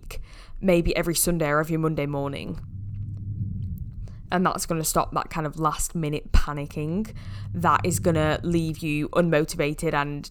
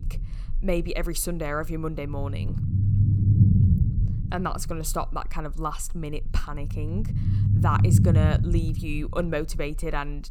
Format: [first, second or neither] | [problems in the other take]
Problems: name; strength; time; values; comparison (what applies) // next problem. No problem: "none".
first | low rumble; loud; throughout; 4 dB below the speech; faint in the first